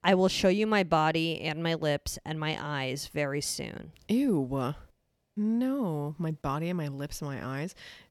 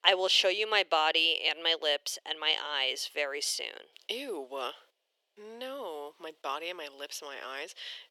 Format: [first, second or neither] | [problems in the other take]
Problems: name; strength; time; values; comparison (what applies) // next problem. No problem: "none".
first | thin; very; fading below 400 Hz